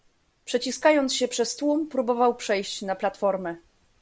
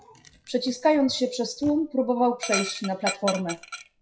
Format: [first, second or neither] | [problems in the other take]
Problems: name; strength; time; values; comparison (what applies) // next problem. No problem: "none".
first | noise reduction (classical method WPE with log-MMSE)